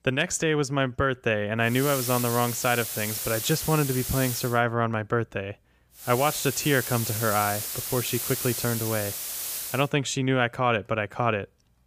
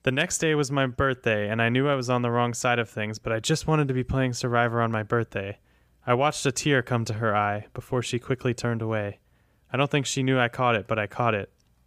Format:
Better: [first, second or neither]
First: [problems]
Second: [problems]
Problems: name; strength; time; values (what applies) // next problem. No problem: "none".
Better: second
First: hiss; loud; from 2 to 4.5 s and from 6 to 9.5 s; 4 dB below the speech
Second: none